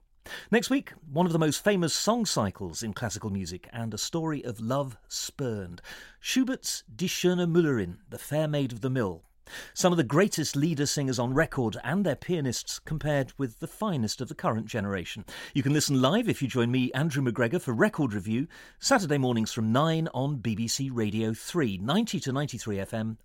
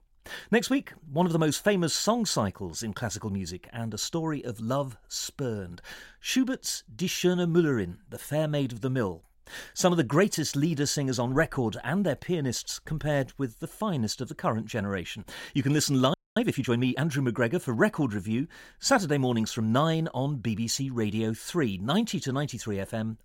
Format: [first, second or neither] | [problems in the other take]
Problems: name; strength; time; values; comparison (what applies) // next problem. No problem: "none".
first | audio freezing; at 16 s